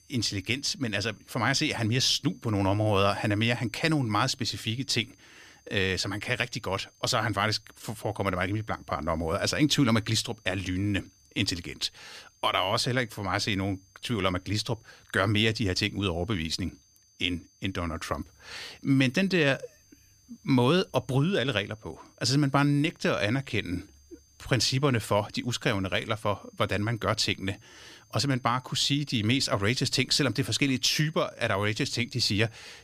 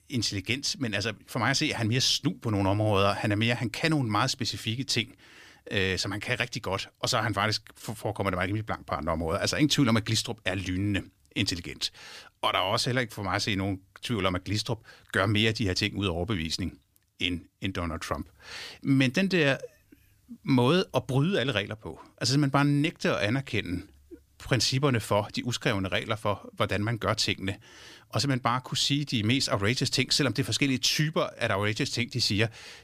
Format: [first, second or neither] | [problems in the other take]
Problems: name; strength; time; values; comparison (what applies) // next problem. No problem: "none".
second | high-pitched whine; faint; throughout; 6 kHz, 35 dB below the speech